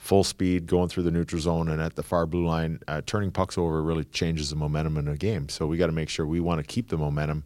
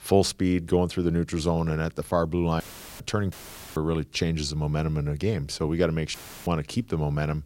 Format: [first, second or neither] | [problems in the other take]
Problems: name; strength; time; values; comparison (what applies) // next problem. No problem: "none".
first | audio cutting out; filled with static; at 2.5 s, at 3.5 s and at 6 s